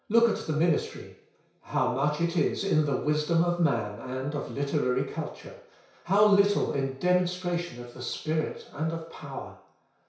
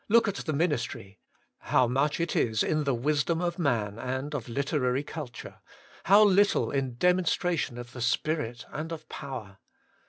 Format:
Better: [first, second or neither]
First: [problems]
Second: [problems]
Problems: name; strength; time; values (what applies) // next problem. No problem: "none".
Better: second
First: room echo; dies away in 0.6 s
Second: none